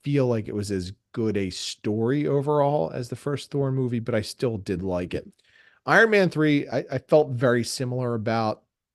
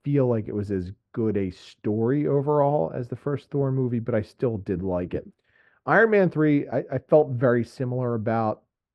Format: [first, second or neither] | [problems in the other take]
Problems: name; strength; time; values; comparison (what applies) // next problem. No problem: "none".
first | muffled; very; fading above 3 kHz